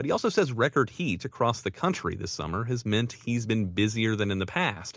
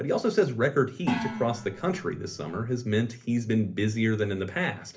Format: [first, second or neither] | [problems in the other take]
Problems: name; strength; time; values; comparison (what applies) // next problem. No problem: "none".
first | background sound (Gong); 9 dB below the speech // room echo; dies away in 0.3 s